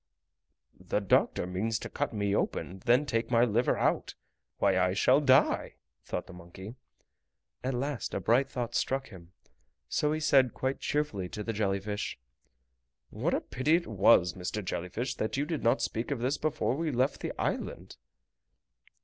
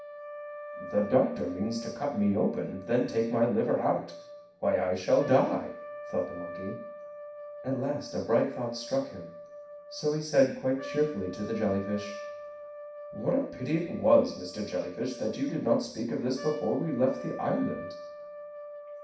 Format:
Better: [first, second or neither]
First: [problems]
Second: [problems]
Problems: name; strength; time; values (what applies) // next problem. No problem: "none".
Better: first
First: none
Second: background sound (Trumpet); 13 dB below the speech // room echo; dies away in 0.6 s